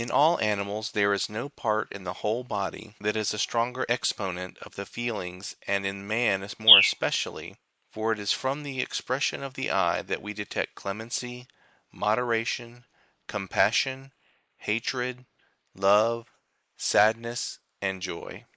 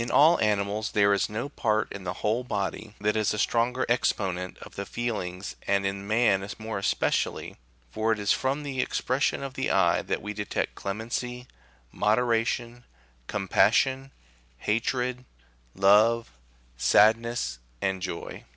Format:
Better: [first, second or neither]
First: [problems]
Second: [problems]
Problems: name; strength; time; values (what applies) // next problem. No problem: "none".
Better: second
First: noise reduction (neural mask model Resemble Enhance denoiser)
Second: none